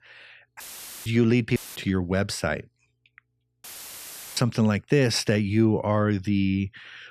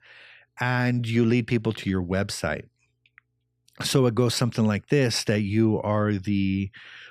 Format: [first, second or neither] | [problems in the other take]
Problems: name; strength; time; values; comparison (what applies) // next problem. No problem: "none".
second | audio cutting out; filled with static; at 0.5 s, at 1.5 s and at 3.5 s for 0.5 s